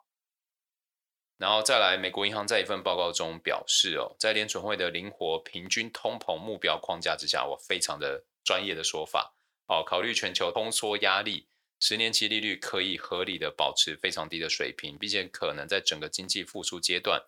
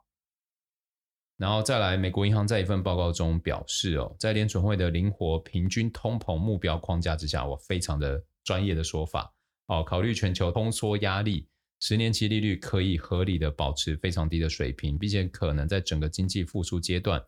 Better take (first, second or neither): second